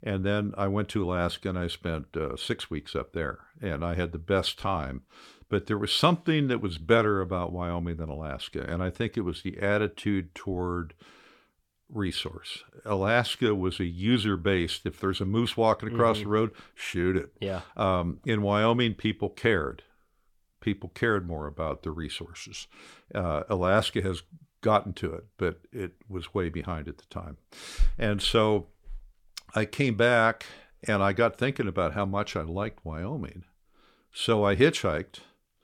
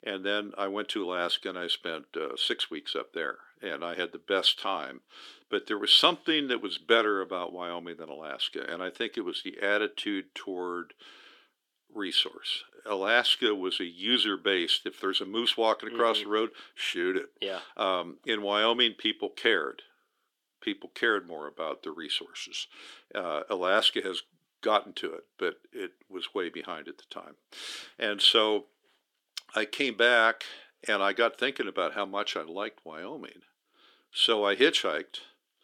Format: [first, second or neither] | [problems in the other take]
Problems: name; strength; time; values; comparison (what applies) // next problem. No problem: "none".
first | thin; somewhat; fading below 300 Hz